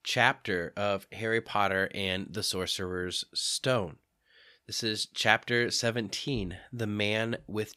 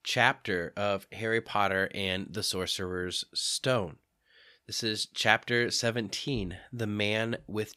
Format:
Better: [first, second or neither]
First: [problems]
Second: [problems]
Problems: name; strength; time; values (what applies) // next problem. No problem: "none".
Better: neither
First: none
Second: none